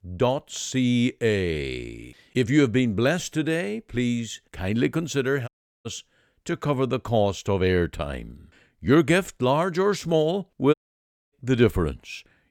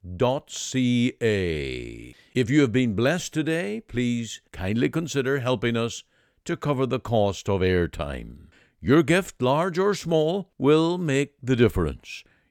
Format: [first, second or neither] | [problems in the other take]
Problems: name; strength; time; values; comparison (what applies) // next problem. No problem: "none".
second | audio cutting out; at 5.5 s and at 11 s for 0.5 s